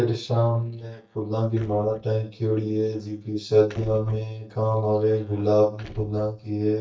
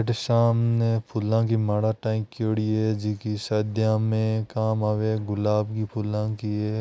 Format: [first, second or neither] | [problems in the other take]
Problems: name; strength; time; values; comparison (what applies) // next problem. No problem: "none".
second | noise reduction (neural mask model DeepFilterNet 3)